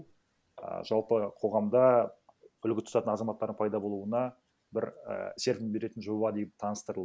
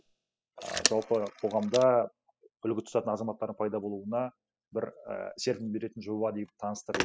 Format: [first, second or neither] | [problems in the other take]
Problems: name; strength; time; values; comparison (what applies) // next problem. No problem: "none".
first | noise reduction (classical method spectral subtraction)